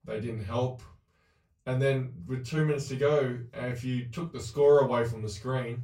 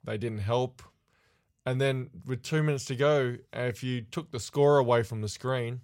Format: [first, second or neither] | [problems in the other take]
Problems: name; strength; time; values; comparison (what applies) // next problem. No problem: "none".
second | off-mic speech; far // room echo; very slight; dies away in 0.3 s